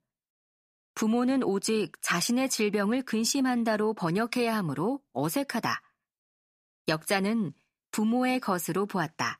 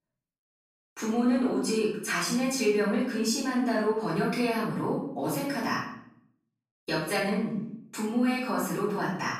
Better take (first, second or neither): first